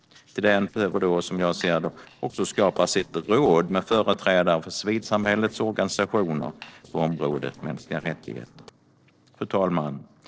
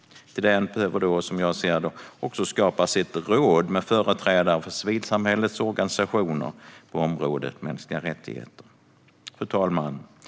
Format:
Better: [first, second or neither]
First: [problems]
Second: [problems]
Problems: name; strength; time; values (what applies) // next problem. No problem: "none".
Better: second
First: noise reduction (neural separator model SepFormer DNS4)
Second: none